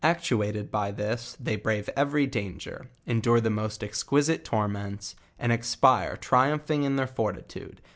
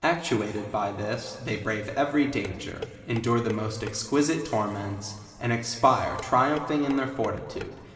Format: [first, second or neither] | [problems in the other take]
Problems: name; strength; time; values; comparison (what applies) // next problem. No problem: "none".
first | background sound (Dishes, pots, and pans); 15 dB below the speech // room echo; dies away in 2.1 s